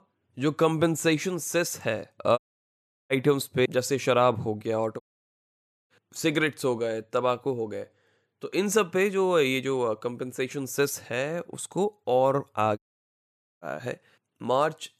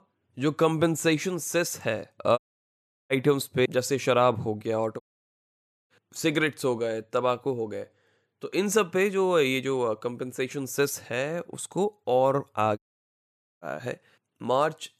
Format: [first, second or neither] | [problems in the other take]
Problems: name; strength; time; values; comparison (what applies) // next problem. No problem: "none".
neither | audio cutting out; at 2.5 s for 0.5 s, at 5 s for 1 s and at 13 s for 1 s; the same in both